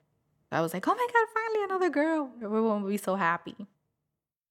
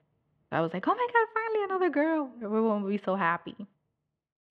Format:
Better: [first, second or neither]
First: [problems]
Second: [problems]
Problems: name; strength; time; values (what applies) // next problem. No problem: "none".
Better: first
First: none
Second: muffled; slightly; fading above 3 kHz